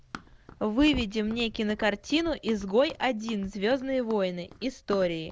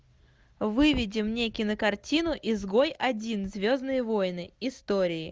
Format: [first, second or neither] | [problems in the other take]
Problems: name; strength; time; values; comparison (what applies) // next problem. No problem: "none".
second | background sound (Run); 20 dB below the speech